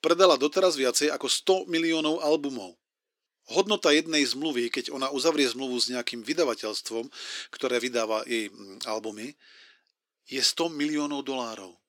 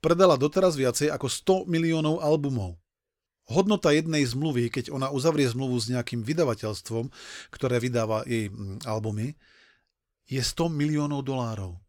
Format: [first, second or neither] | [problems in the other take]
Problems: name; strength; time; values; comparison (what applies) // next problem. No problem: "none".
second | thin; very slightly; fading below 300 Hz